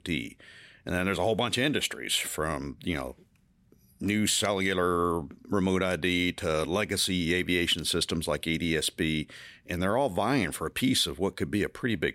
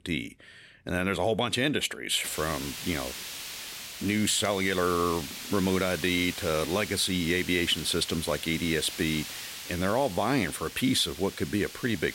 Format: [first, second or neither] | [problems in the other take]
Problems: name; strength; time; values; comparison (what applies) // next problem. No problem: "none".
first | hiss; loud; from 2 s on; 10 dB below the speech